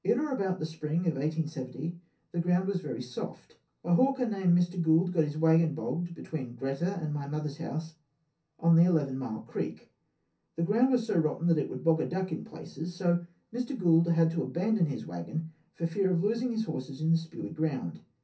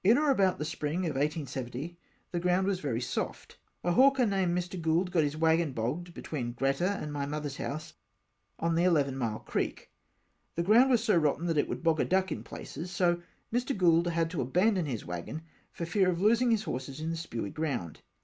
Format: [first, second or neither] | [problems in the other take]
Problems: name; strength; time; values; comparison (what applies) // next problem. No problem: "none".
second | room echo; dies away in 0.3 s